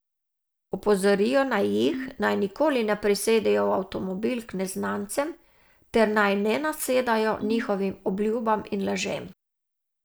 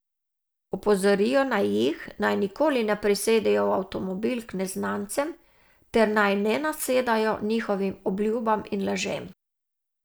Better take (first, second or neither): second